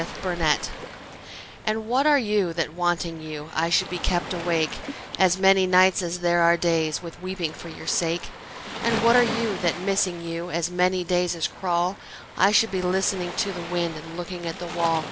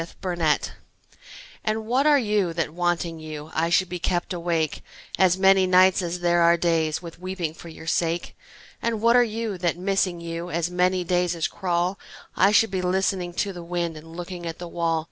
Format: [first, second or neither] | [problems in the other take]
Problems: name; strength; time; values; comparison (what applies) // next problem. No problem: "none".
second | background sound (Waves, surf); 12 dB below the speech